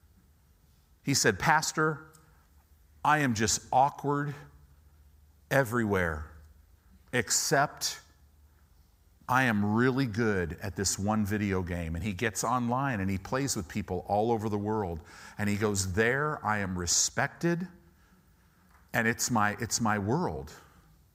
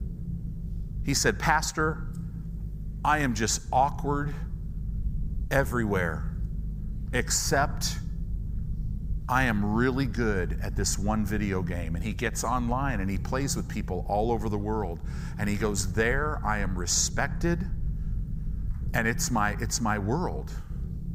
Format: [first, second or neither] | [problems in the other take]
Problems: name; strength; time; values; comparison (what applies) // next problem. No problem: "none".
first | low rumble; faint; throughout; 20 dB below the speech